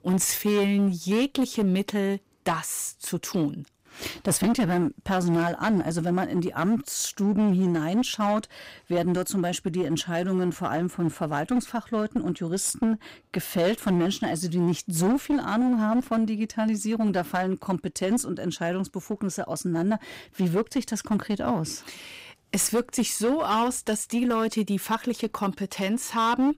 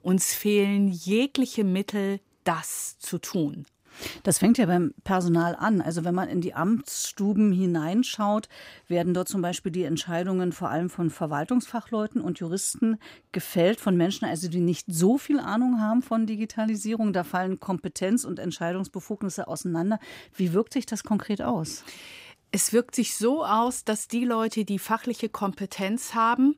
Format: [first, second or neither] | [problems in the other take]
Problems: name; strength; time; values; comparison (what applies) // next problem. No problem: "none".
second | distortion; slight; 11% of the sound clipped